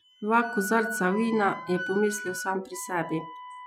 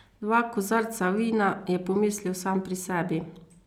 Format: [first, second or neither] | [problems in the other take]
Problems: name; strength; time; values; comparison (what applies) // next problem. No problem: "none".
second | noise reduction (classical method Wiener filter)